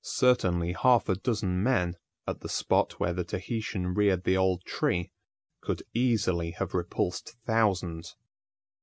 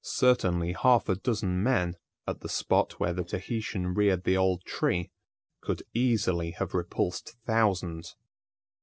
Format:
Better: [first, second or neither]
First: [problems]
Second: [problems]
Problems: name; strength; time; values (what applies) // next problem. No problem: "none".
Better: first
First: none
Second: noise reduction (neural separator model SepFormer DNS4)